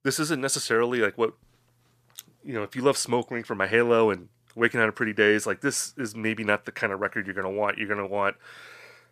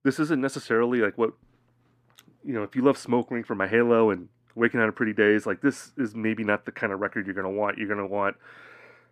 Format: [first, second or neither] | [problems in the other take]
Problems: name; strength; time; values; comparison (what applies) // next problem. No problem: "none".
first | muffled; slightly; fading above 3.5 kHz